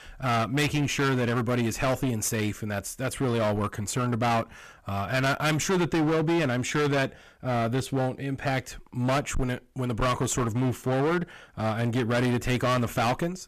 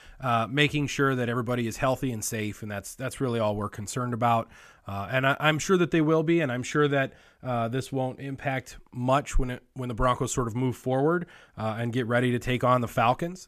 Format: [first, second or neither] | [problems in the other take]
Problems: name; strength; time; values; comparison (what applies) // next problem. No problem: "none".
second | distortion; heavy; 20% of the sound clipped